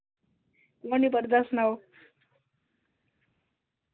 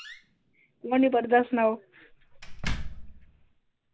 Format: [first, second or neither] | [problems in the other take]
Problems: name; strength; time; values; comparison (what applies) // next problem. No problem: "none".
first | background sound (Slam); 9 dB below the speech